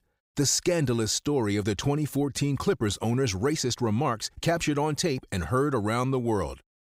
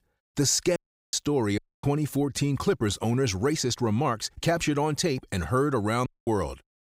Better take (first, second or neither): first